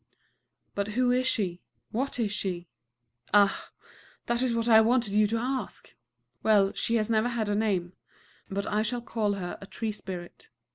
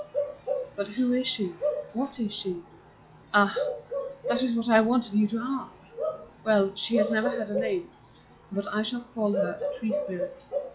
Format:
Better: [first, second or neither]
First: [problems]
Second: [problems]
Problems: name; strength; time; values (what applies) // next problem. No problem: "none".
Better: first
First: none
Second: noise reduction (classical method log-MMSE)